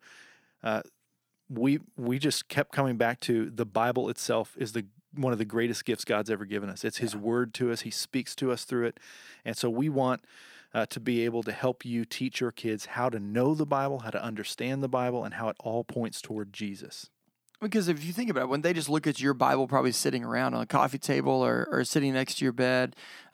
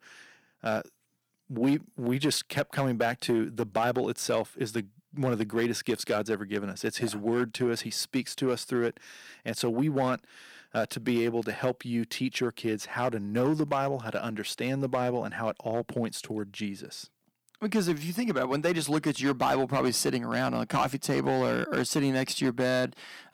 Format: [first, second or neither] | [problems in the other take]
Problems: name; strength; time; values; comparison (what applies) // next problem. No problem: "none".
first | distortion; slight; 3% of the sound clipped